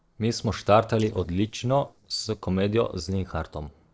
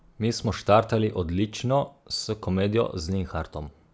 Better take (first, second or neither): second